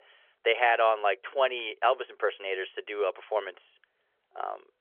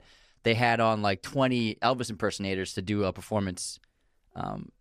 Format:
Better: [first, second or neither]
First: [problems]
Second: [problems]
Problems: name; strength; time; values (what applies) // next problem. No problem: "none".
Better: second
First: phone-call audio; nothing above 3.5 kHz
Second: none